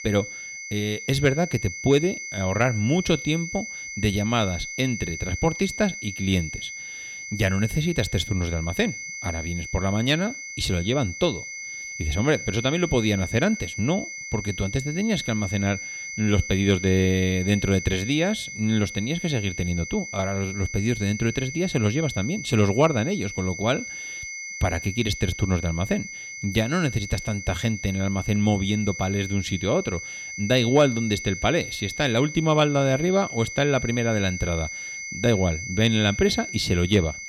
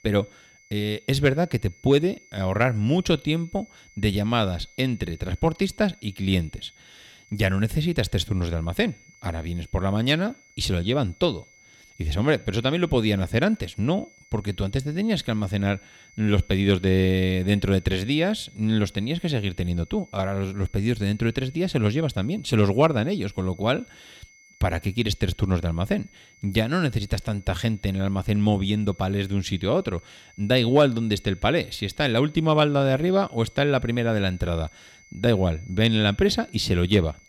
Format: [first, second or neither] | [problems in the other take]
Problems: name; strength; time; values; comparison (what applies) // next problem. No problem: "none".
second | high-pitched whine; loud; throughout; 2 kHz, 8 dB below the speech; faint in the second